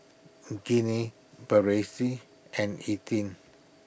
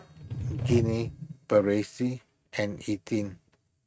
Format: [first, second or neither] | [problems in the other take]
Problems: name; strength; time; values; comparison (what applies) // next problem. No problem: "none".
first | noise reduction (neural mask model RNNoise)